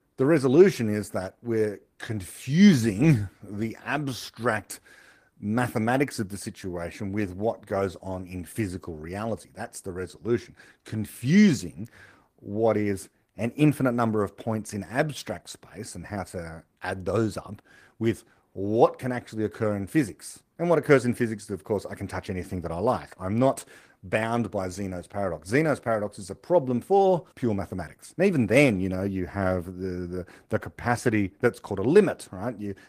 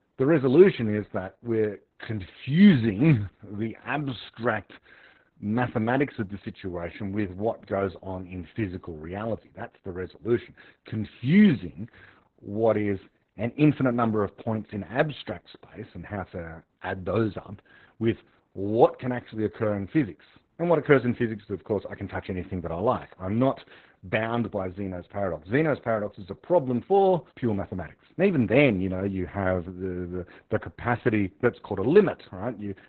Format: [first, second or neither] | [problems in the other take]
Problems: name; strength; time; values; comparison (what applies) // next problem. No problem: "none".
first | garbled, watery; badly; slightly in the first